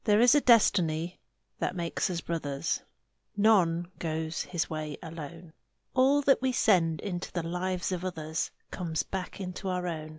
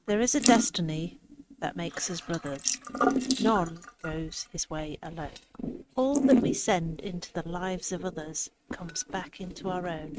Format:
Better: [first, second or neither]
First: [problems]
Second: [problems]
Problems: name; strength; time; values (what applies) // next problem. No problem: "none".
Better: first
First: none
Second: noise reduction (neural mask model RNNoise)